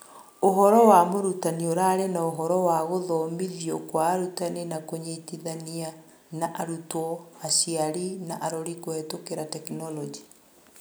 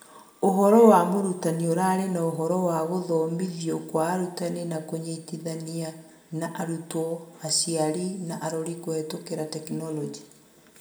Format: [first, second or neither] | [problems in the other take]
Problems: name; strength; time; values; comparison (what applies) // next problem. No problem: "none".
first | room echo; dies away in 1.1 s